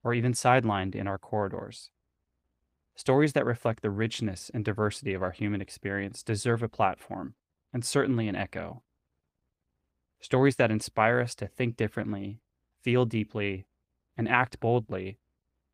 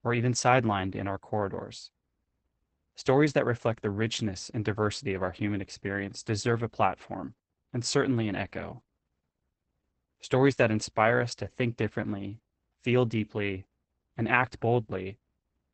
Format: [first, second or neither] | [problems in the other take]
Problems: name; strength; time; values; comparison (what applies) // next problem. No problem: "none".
first | garbled, watery; badly; nothing above 8 kHz; slightly in the first